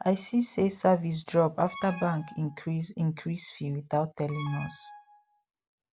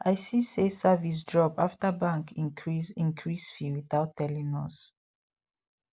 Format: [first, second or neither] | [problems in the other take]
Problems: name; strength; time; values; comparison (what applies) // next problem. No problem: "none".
second | background sound (Alarm); 16 dB below the speech